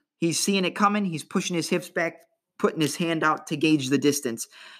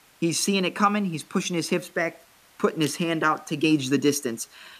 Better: first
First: none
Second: hiss; faint; throughout; 30 dB below the speech

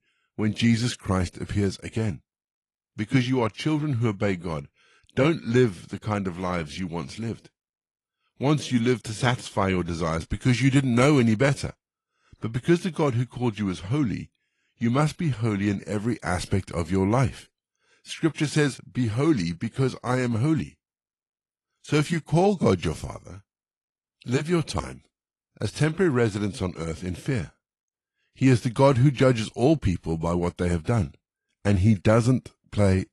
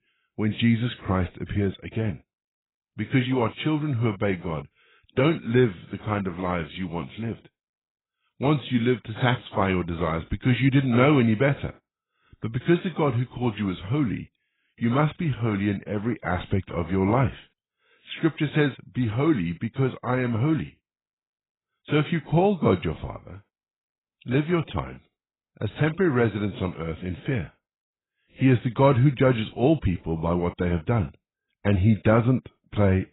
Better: first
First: garbled, watery; slightly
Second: garbled, watery; badly; nothing above 4 kHz

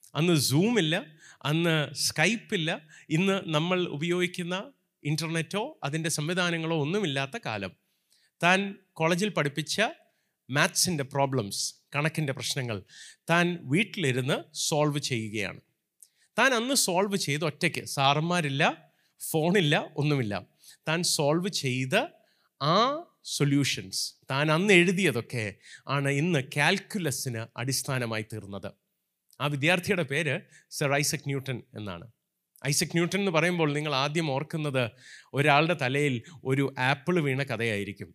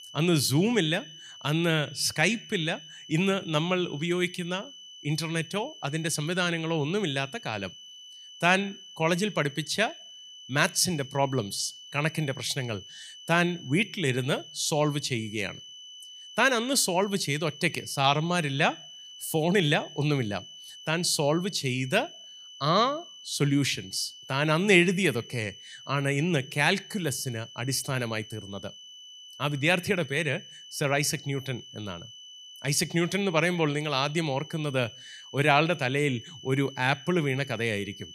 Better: first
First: none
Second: high-pitched whine; noticeable; throughout; 3 kHz, 15 dB below the speech

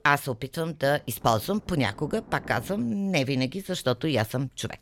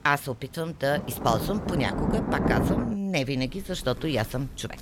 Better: first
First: rain or running water; faint; throughout; 20 dB below the speech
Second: rain or running water; loud; throughout; 1 dB below the speech

